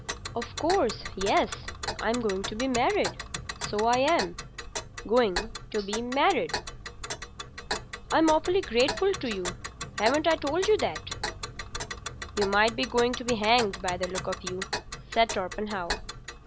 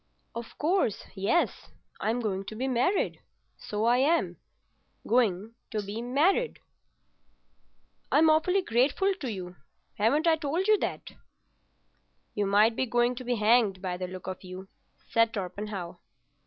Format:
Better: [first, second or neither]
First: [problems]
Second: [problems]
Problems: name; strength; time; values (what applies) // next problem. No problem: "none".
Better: second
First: background sound (Tick); 8 dB below the speech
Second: none